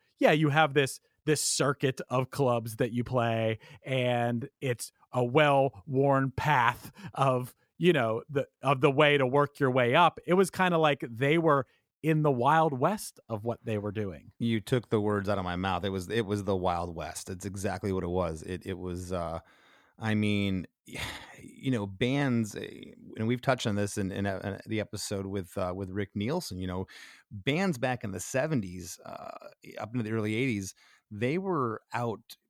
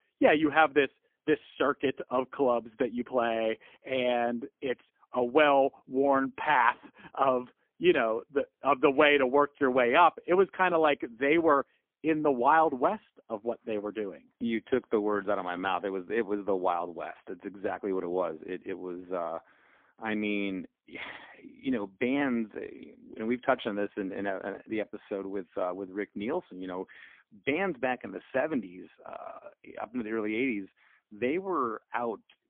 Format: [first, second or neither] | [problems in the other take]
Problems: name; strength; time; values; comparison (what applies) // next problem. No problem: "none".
first | phone-call audio; poor line; nothing above 3.5 kHz